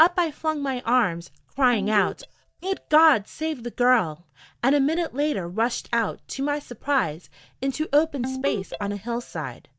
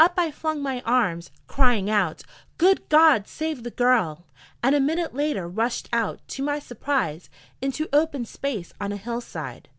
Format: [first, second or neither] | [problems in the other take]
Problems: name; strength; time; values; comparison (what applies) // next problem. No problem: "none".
second | noise reduction (neural mask model DeepFilterNet 3)